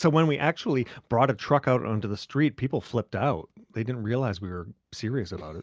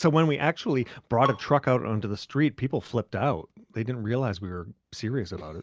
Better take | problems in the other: first | background sound (Bowed string instrument); 14 dB below the speech

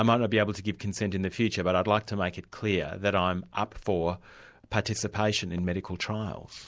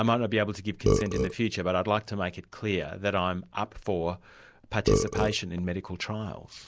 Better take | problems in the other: first | background sound (Burping, eructation); as loud as the speech

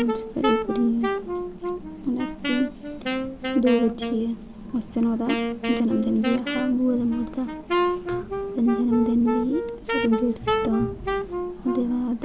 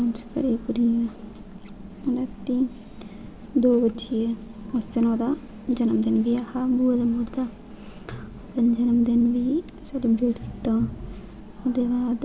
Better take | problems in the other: second | background sound (Wind instrument, woodwind instrument); 4 dB below the speech

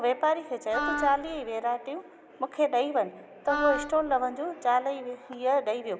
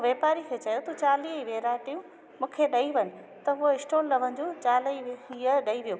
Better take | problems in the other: second | background sound (Wind instrument, woodwind instrument); 5 dB below the speech

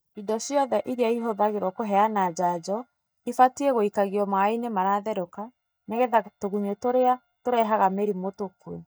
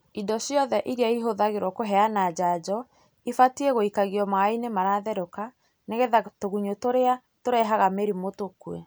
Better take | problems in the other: second | noise reduction (neural mask model DeepFilterNet 3)

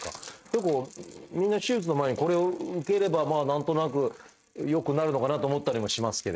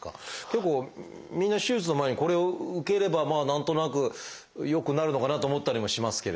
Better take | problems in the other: second | noise reduction (neural mask model RNNoise)

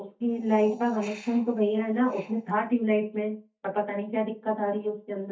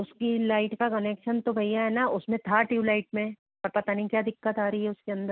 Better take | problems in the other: second | noise reduction (neural mask model DeepFilterNet 3)

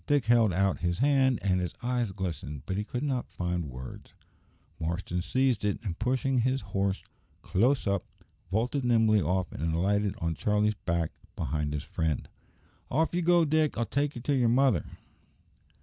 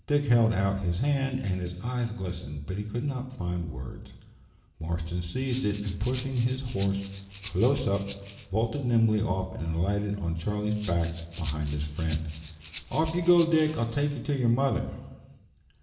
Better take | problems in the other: first | background sound (Rattle (instrument)); 19 dB below the speech // room echo; dies away in 1 s

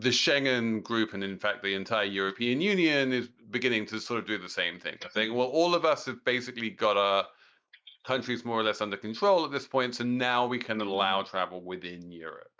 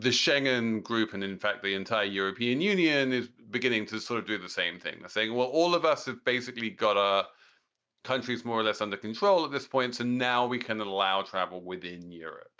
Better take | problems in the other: second | noise reduction (neural mask model Resemble Enhance denoiser)

